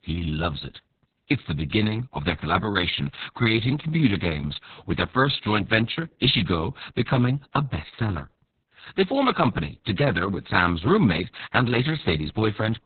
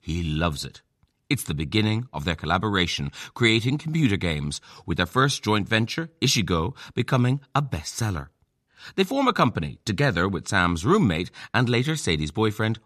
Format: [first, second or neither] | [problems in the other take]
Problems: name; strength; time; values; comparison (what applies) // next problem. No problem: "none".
second | garbled, watery; badly; nothing above 4 kHz